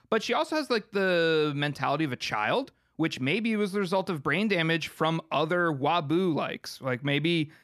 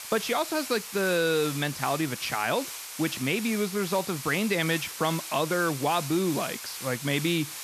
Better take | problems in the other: first | hiss; loud; throughout; 8 dB below the speech

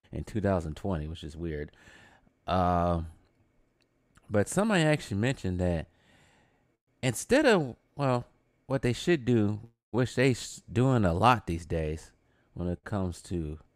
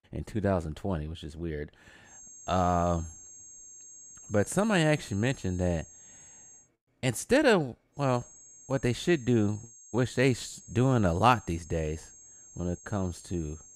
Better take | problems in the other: first | high-pitched whine; noticeable; from 2 to 6.5 s and from 8 s on; 6.5 kHz, 20 dB below the speech

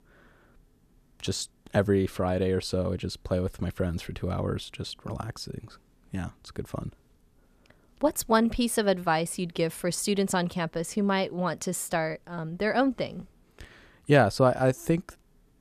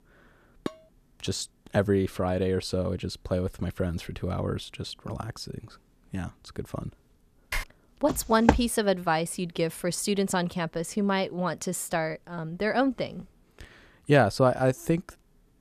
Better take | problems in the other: first | clattering dishes; very faint; at 0.5 s; peak 10 dB below the speech // keyboard typing; noticeable; at 7.5 s; peak 6 dB below the speech // footsteps; loud; at 8 s; peak 3 dB above the speech

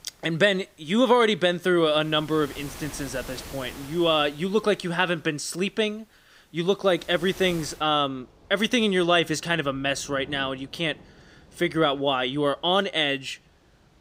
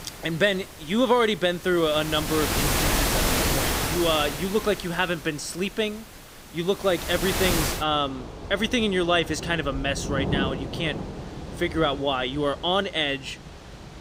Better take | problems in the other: first | rain or running water; loud; throughout; 3 dB below the speech; faint in the first

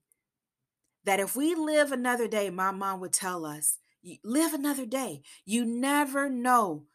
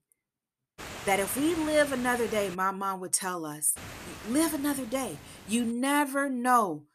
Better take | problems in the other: first | hiss; noticeable; from 1 to 2.5 s and from 4 to 5.5 s; 15 dB below the speech

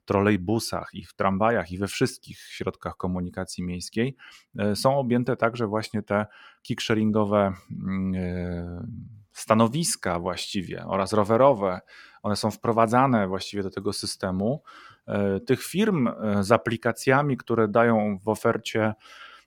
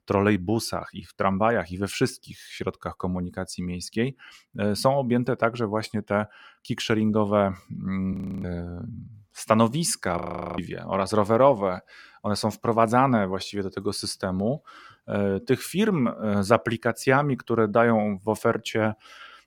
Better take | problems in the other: first | audio freezing; at 8 s and at 10 s

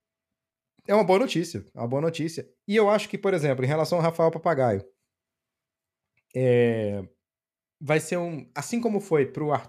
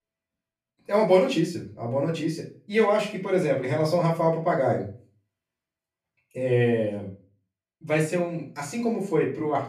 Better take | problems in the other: first | off-mic speech; far // room echo; slight; dies away in 0.3 s

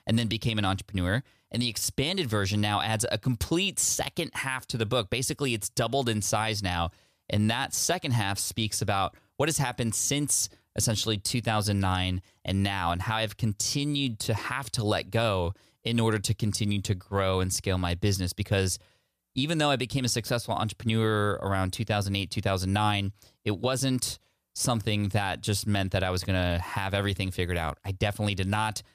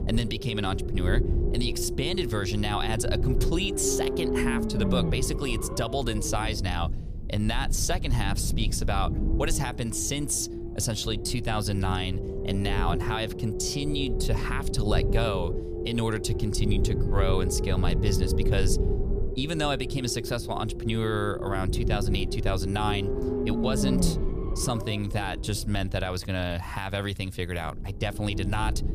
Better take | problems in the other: first | low rumble; loud; throughout; 5 dB below the speech

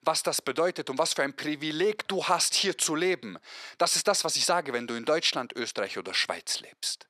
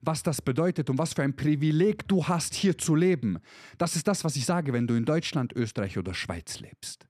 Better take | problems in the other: second | thin; very; fading below 600 Hz

